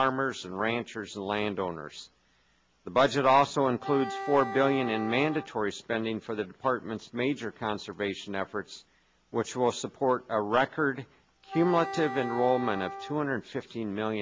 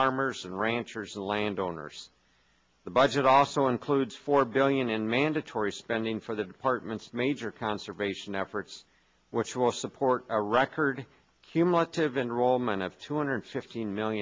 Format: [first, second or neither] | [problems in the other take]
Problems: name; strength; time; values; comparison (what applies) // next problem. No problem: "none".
second | background sound (Wind instrument, woodwind instrument); 9 dB below the speech